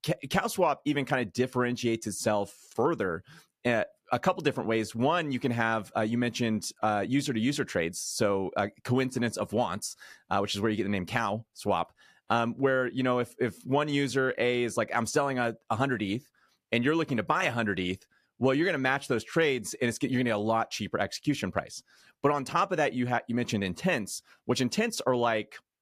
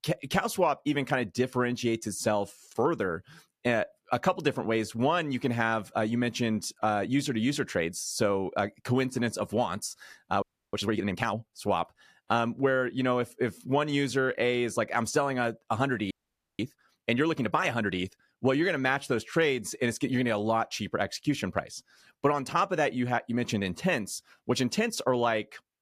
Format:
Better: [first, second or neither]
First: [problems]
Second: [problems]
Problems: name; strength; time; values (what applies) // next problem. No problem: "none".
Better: first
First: none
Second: audio freezing; at 10 s and at 16 s